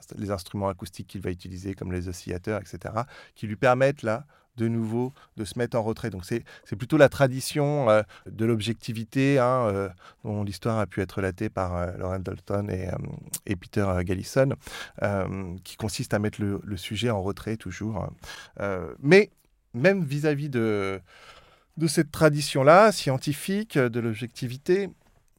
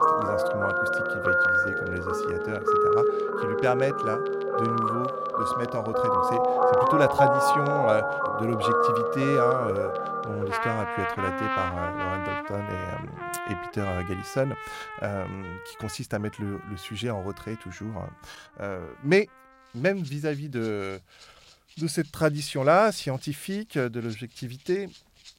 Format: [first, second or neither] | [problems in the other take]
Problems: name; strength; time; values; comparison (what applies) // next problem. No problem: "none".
first | background music; very loud; throughout; 4 dB above the speech